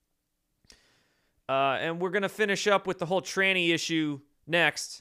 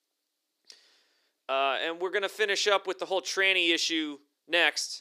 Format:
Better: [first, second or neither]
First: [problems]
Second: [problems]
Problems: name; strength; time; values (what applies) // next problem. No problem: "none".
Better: first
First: none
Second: thin; somewhat; fading below 350 Hz